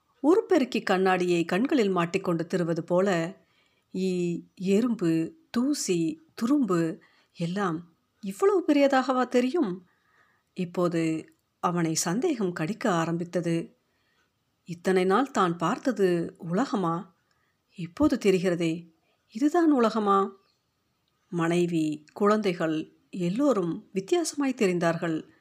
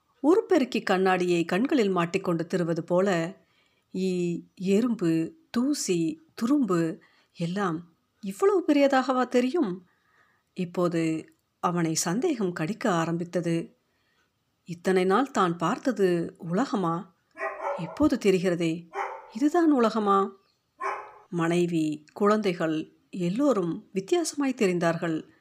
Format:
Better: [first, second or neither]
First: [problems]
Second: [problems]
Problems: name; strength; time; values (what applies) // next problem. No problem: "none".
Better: first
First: none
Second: dog barking; noticeable; from 17 to 21 s; peak 5 dB below the speech